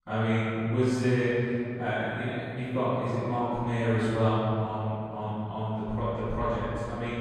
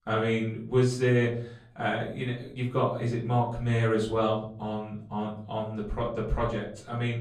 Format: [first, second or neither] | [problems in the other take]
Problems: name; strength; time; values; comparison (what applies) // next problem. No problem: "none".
second | room echo; strong; dies away in 2.5 s; slight in the second // off-mic speech; far; far in the second